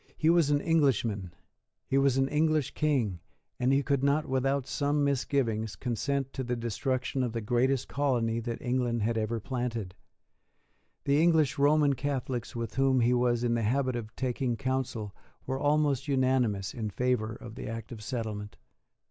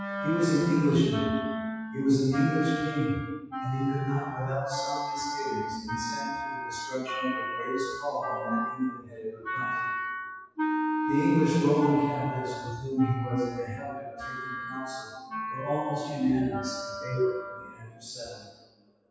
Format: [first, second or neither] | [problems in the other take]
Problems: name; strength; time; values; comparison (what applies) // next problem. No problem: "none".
first | noise reduction (classical method WPE with log-MMSE)